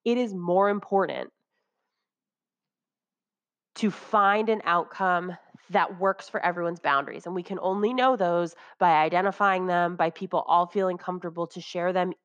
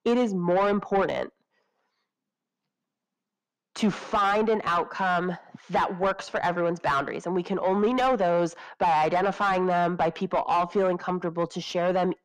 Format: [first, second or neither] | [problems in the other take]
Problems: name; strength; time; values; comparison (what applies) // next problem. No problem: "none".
first | distortion; heavy; 7 dB below the speech